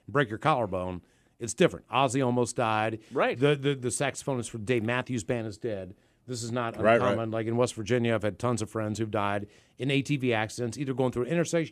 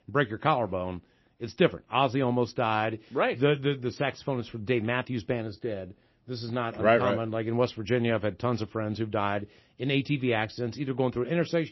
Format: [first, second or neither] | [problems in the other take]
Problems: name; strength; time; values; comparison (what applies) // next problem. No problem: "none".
first | garbled, watery; slightly; nothing above 5.5 kHz